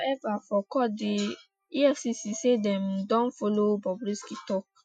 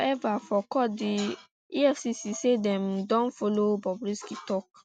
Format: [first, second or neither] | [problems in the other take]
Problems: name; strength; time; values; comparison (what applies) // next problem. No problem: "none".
second | noise reduction (classical method Wiener filter)